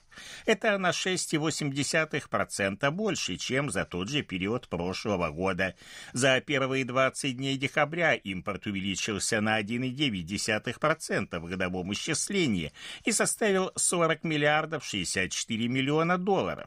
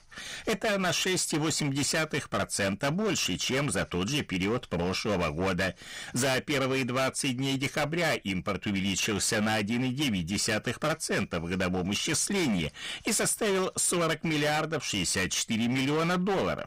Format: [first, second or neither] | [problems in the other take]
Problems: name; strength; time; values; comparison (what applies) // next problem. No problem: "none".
first | distortion; heavy; 21% of the sound clipped